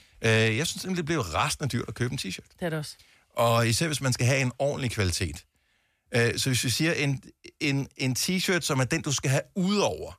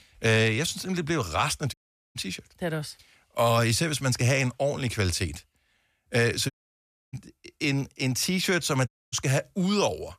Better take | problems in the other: first | audio cutting out; at 1.5 s, at 6.5 s for 0.5 s and at 9 s

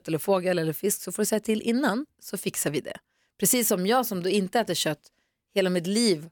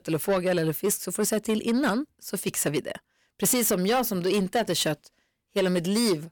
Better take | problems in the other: first | distortion; slight; 10 dB below the speech

